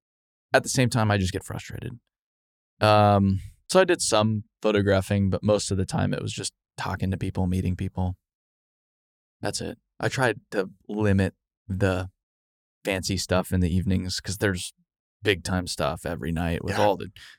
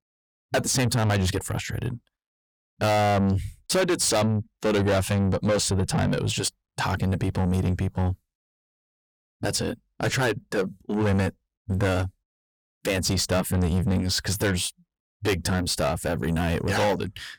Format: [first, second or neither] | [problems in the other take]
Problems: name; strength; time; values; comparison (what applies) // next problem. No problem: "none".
first | distortion; heavy; 6 dB below the speech